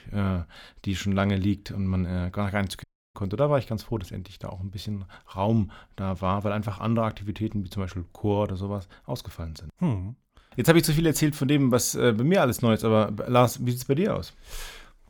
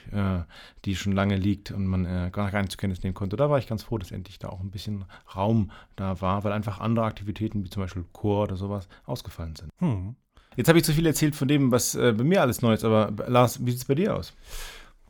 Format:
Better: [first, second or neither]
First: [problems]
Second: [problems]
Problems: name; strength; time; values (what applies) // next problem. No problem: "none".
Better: second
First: audio cutting out; at 3 s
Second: none